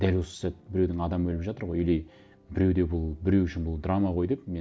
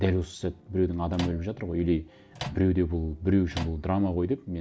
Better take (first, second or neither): first